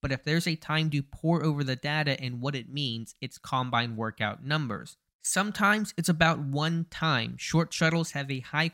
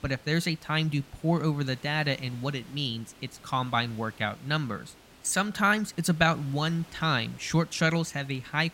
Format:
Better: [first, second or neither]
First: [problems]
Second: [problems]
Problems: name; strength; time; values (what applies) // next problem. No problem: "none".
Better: first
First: none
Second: hiss; faint; throughout; 25 dB below the speech